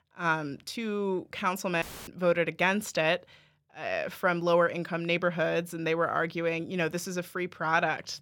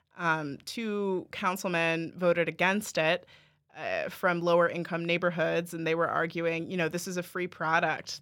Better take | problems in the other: second | audio cutting out; filled with static; at 2 s

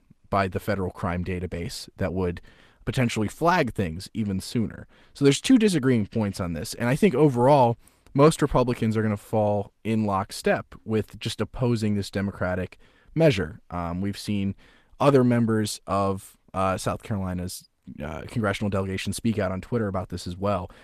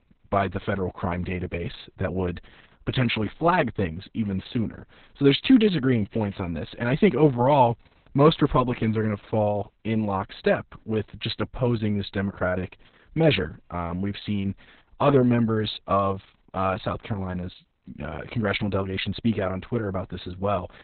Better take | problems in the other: first | garbled, watery; badly; nothing above 4 kHz; slightly in the first

